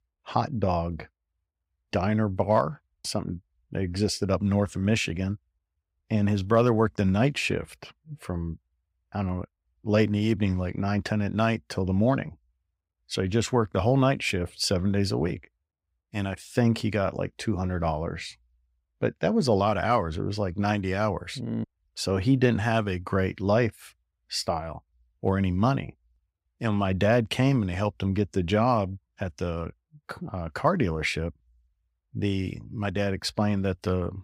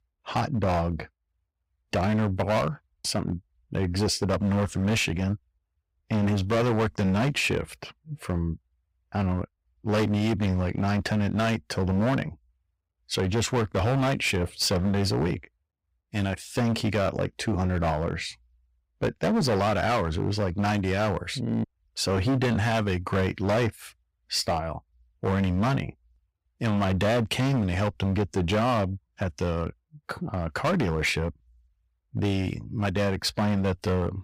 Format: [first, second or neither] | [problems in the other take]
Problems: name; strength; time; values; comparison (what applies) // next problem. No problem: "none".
first | distortion; heavy; 13% of the sound clipped